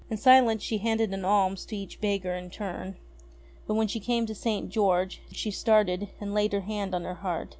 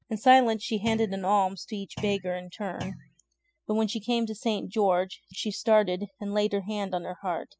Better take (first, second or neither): first